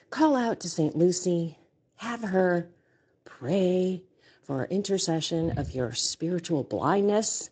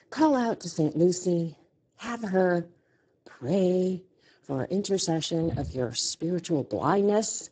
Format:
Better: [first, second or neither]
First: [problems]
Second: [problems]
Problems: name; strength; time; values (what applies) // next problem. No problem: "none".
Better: first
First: garbled, watery; slightly; nothing above 7.5 kHz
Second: garbled, watery; badly; nothing above 7.5 kHz